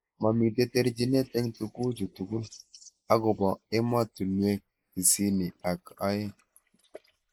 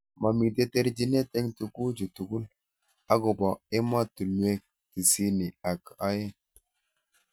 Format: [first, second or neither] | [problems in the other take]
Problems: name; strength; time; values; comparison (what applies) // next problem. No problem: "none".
second | noise reduction (neural mask model Resemble Enhance denoiser)